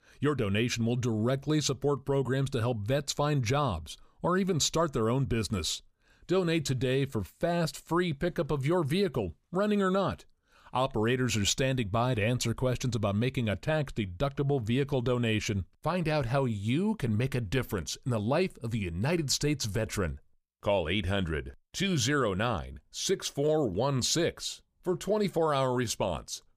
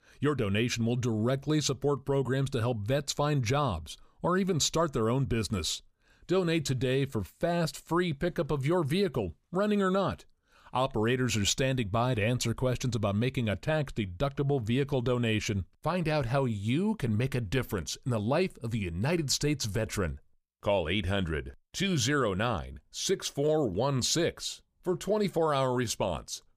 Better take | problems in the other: neither | none

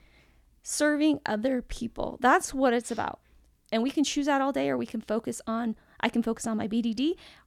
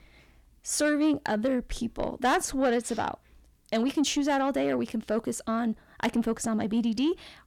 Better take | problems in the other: first | distortion; slight; 10 dB below the speech

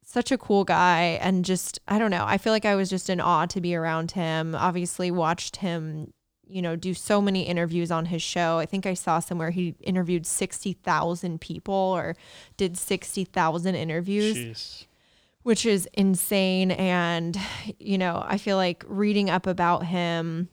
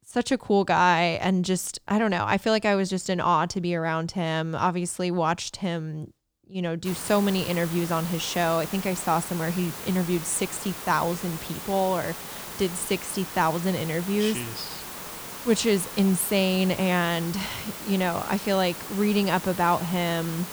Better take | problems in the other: first | hiss; loud; from 7 s on; 10 dB below the speech

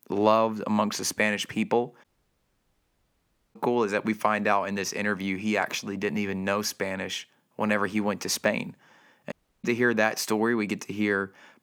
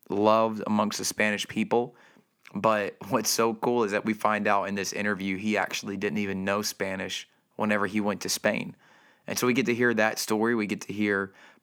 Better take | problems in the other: second | audio cutting out; at 2 s for 1.5 s and at 9.5 s

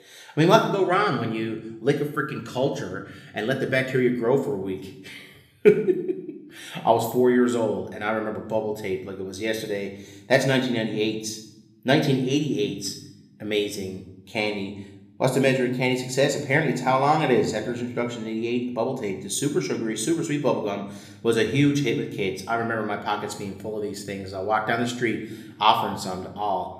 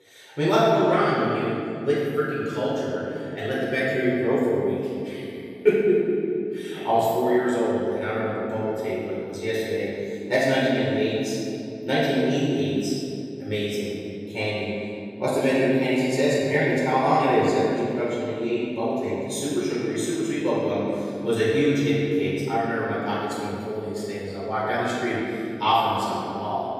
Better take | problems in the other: first | room echo; strong; dies away in 2.6 s; slight in the first // off-mic speech; far

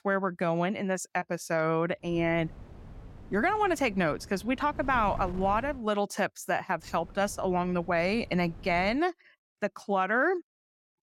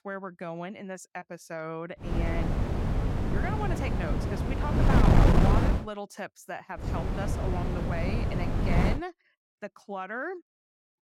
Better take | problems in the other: first | wind noise on the microphone; heavy; from 2 to 6 s and from 7 to 9 s; 3 dB above the speech; occasional gusts in the first

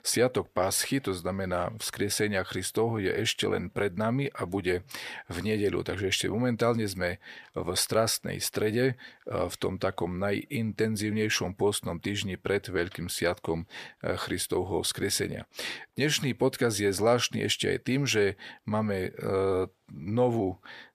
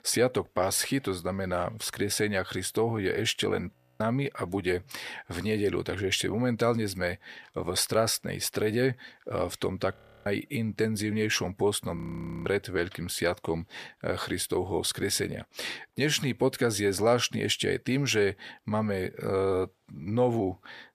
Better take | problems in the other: first | audio freezing; at 4 s, at 10 s and at 12 s

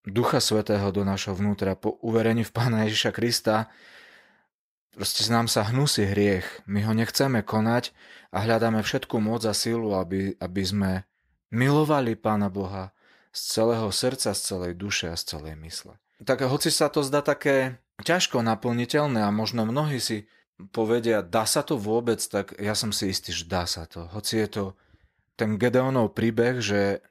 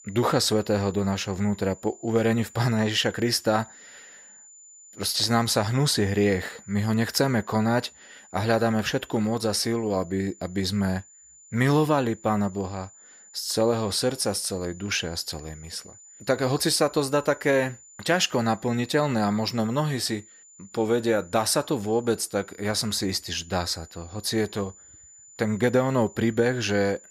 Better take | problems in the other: first | high-pitched whine; faint; throughout; 7 kHz, 25 dB below the speech

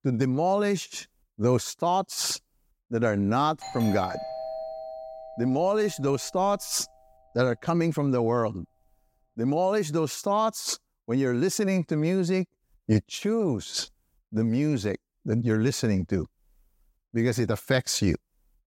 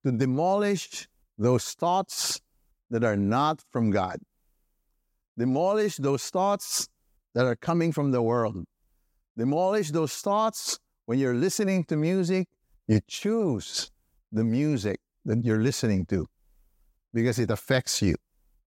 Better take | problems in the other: second | doorbell; noticeable; from 3.5 to 6.5 s; peak 8 dB below the speech

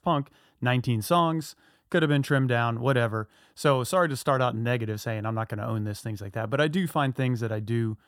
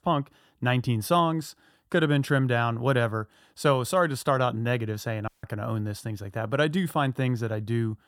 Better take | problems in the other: first | audio cutting out; at 5.5 s

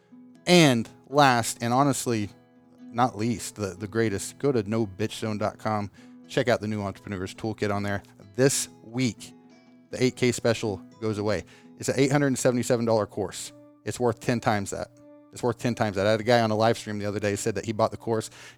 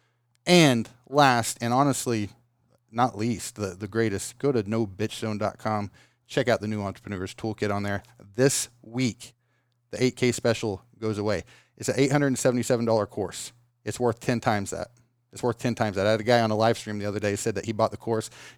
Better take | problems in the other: second | background music; faint; throughout; 25 dB below the speech

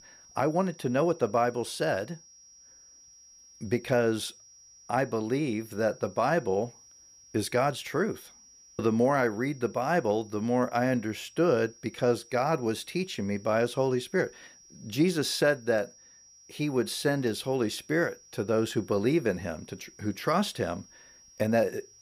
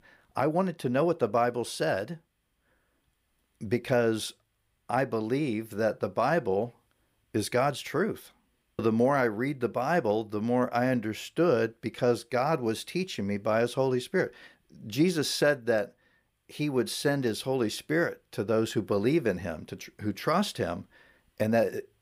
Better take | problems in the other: second | high-pitched whine; faint; throughout; 5.5 kHz, 25 dB below the speech

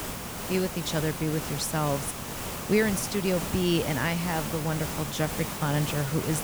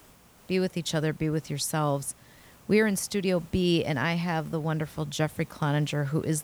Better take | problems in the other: second | hiss; loud; throughout; 5 dB below the speech; faint in the second

